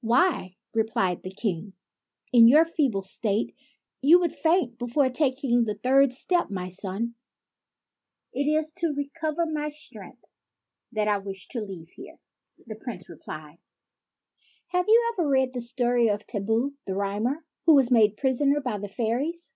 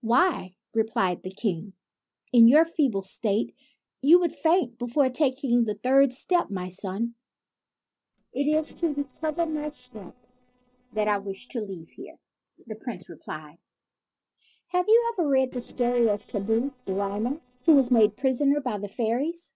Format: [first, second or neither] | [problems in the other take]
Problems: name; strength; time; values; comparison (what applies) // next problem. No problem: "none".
first | noise reduction (neural separator model SepFormer DNS4)